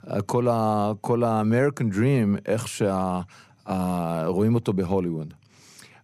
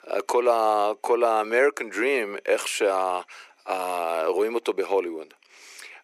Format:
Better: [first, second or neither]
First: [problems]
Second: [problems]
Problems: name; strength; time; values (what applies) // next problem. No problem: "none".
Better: first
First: none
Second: thin; very; fading below 350 Hz